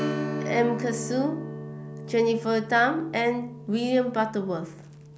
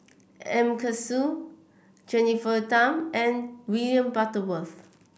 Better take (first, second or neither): second